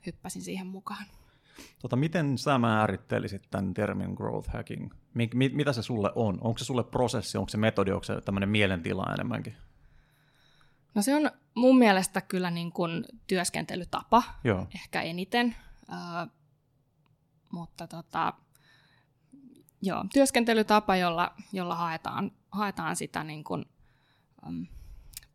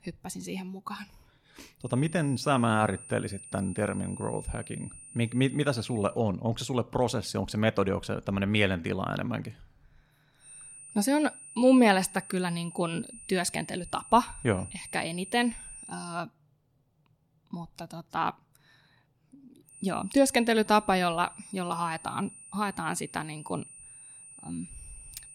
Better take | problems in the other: first | high-pitched whine; noticeable; from 2 to 6 s, from 10 to 16 s and from 20 s on; 9 kHz, 15 dB below the speech

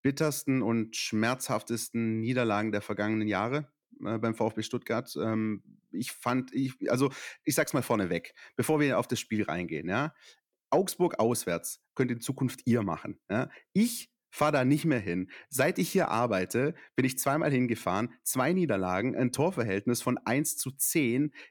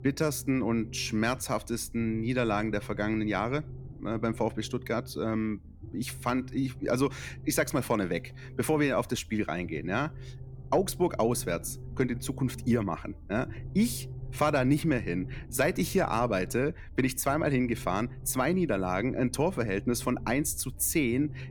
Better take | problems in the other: first | low rumble; faint; throughout; 25 dB below the speech

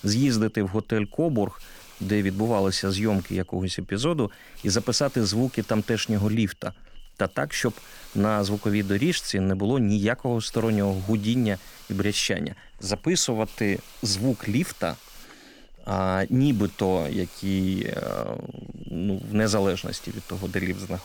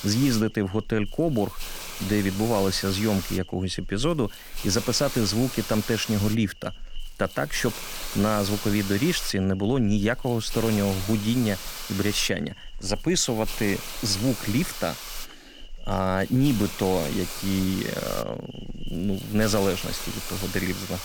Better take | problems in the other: first | hiss; loud; throughout; 9 dB below the speech; faint in the first

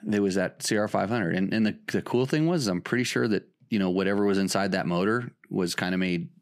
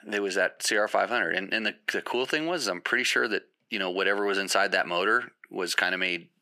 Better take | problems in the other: first | thin; very; fading below 550 Hz

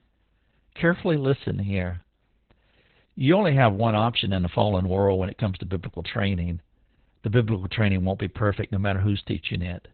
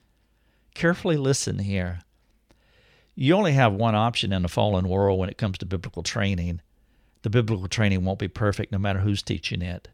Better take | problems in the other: second | garbled, watery; badly; nothing above 4 kHz

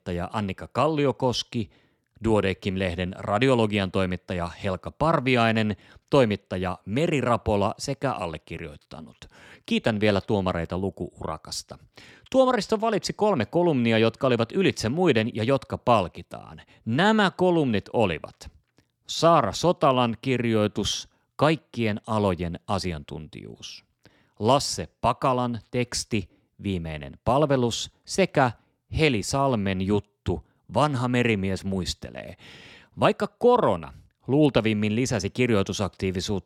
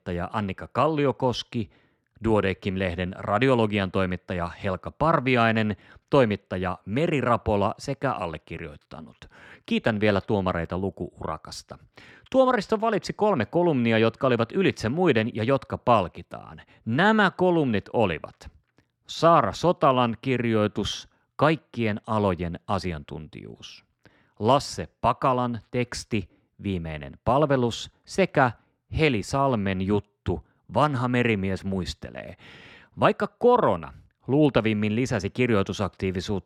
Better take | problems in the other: first | muffled; very slightly; fading above 3.5 kHz

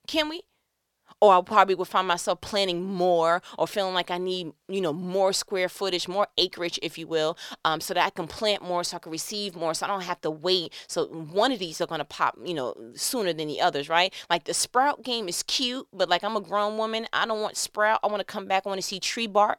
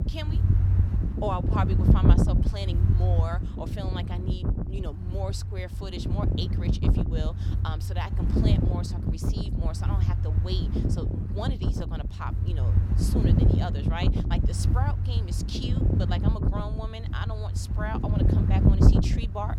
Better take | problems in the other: first | wind noise on the microphone; heavy; as loud as the speech

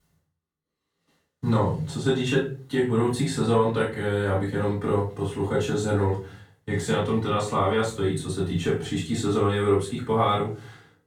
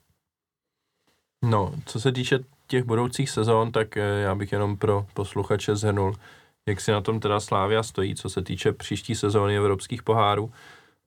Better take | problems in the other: second | off-mic speech; far // room echo; noticeable; dies away in 0.3 s

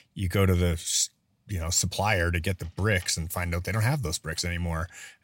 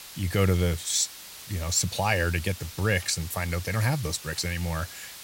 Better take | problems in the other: first | hiss; noticeable; throughout; 15 dB below the speech

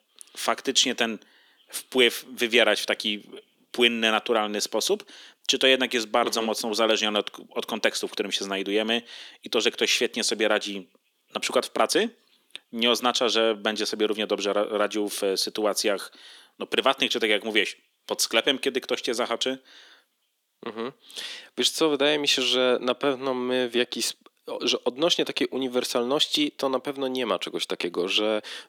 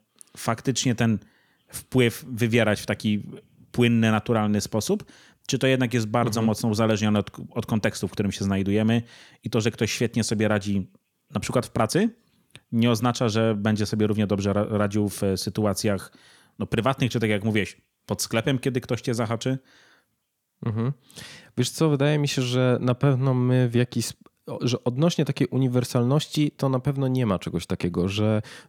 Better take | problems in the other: second | thin; somewhat; fading below 300 Hz

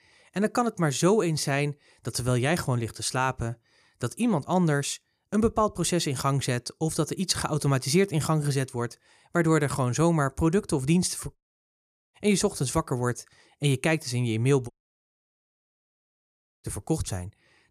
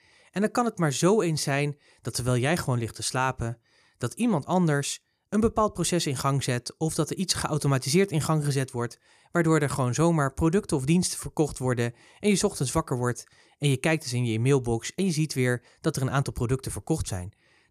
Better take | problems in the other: second | audio cutting out; at 11 s for 1 s and at 15 s for 2 s

